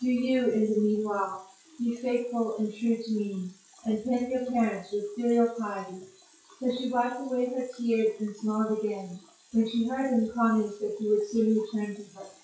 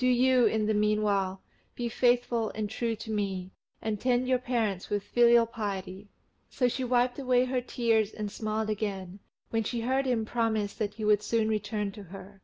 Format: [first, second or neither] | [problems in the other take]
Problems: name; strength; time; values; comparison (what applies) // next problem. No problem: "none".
second | noise reduction (classical method WPE with log-MMSE)